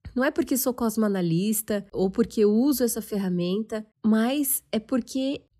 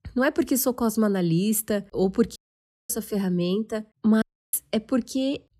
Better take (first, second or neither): first